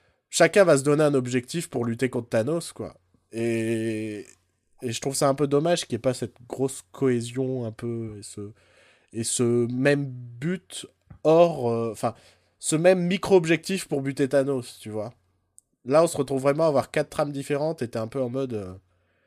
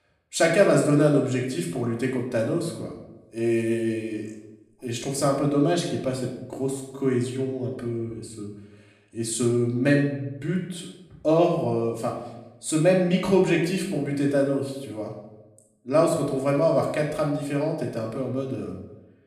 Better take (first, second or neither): first